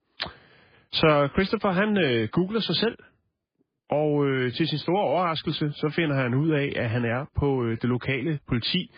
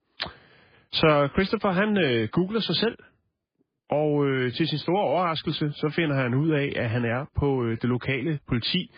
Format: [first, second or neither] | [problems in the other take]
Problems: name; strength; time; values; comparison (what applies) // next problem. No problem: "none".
neither | garbled, watery; badly; nothing above 5 kHz; the same in both